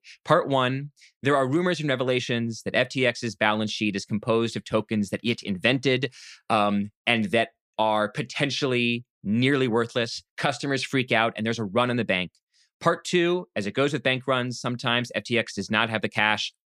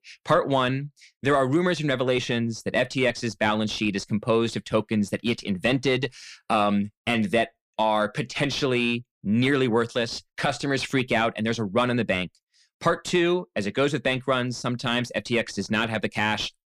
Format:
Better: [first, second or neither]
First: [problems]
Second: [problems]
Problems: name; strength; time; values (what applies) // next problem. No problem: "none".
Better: first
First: none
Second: distortion; slight; 10 dB below the speech